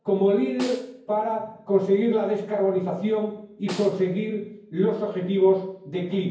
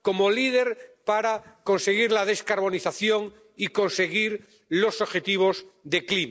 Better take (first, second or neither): second